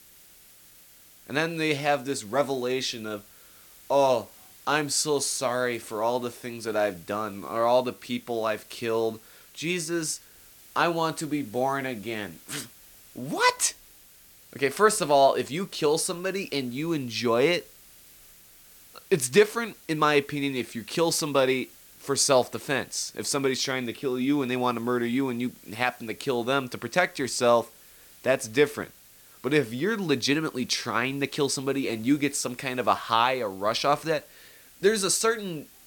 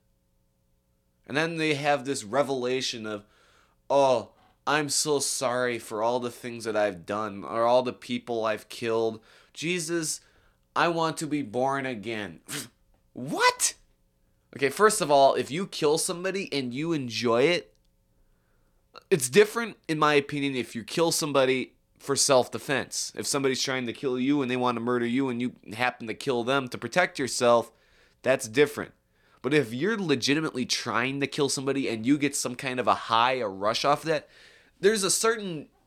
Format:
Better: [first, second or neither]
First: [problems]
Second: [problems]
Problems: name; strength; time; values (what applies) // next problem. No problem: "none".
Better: second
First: hiss; faint; throughout; 25 dB below the speech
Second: none